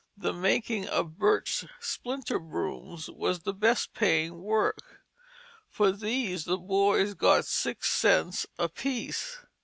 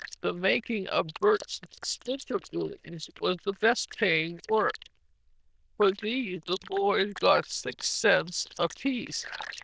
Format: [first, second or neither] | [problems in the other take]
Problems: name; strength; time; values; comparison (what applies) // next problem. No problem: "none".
first | noise reduction (neural diffusion model UNIVERSE++)